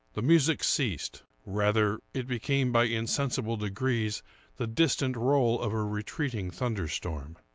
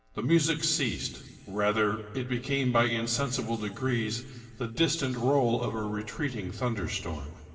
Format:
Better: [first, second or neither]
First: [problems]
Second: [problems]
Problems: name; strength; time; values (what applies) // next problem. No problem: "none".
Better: first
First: none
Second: room echo; dies away in 2 s